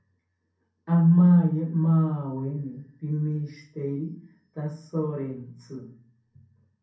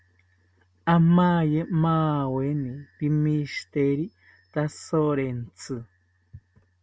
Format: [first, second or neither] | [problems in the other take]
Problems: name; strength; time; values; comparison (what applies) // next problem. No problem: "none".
second | room echo; dies away in 0.6 s